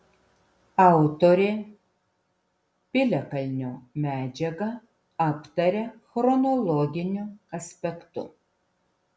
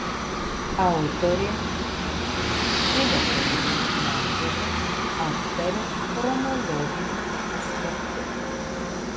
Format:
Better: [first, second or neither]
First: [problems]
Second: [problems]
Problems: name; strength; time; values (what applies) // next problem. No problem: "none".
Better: first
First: none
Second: background sound (Aircraft); 5 dB above the speech